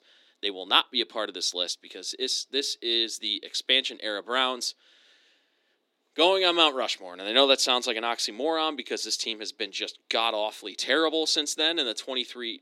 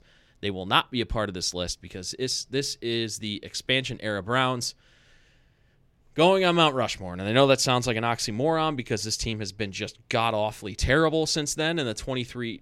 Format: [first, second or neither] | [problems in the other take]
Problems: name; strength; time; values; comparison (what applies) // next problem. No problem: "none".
second | thin; somewhat; fading below 250 Hz